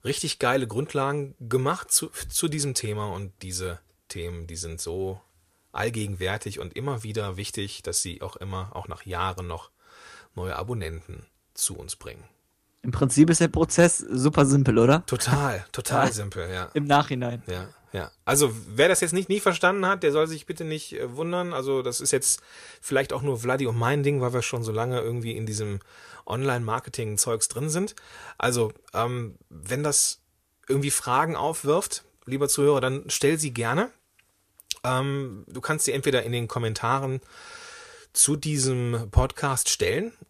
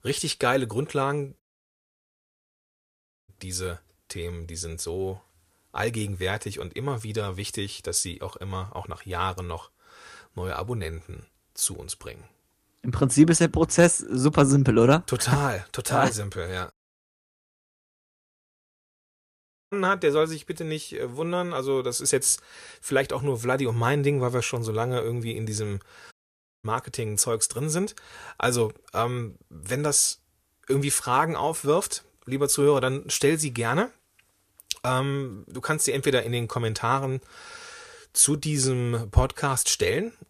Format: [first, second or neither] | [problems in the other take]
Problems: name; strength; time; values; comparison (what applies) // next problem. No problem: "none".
first | audio cutting out; at 1.5 s for 2 s, at 17 s for 3 s and at 26 s for 0.5 s